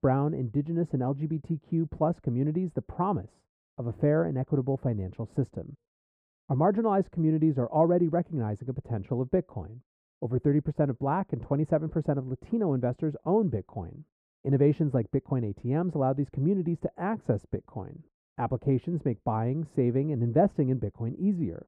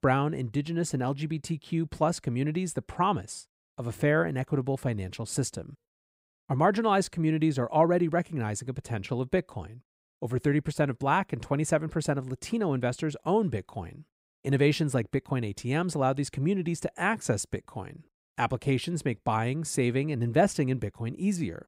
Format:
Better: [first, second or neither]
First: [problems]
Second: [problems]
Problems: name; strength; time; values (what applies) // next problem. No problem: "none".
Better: second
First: muffled; very; fading above 2 kHz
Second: none